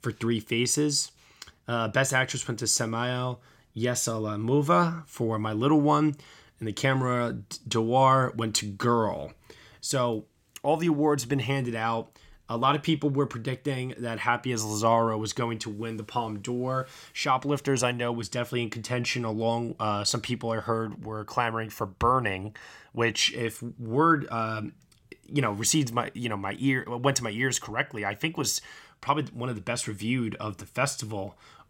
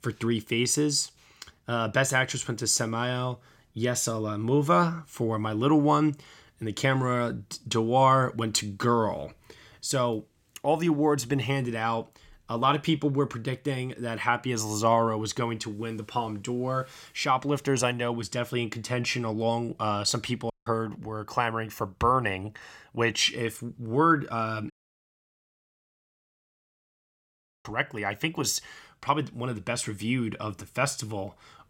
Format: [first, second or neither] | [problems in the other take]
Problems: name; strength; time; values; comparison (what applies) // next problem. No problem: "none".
first | audio cutting out; at 21 s and at 25 s for 3 s